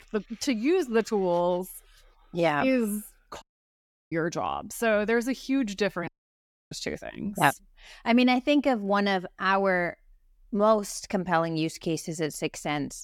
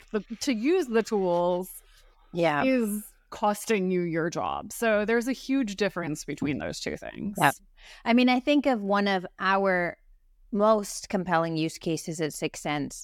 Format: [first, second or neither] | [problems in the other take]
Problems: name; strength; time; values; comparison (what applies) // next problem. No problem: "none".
second | audio cutting out; at 3.5 s for 0.5 s and at 6 s for 0.5 s